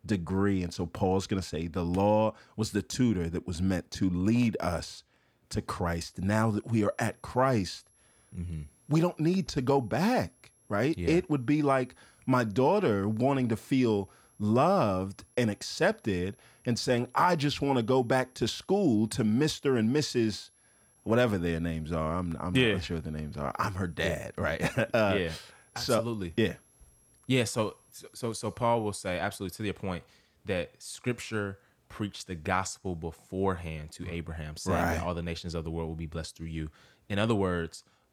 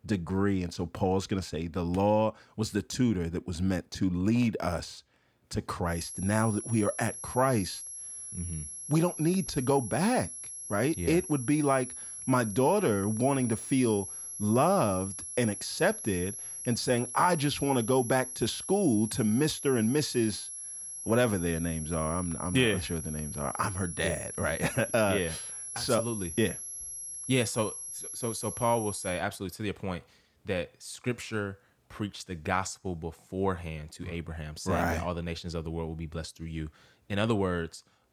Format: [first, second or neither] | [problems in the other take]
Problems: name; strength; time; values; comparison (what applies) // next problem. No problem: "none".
first | high-pitched whine; loud; from 6 to 29 s; 11 kHz, 8 dB below the speech; faint in the first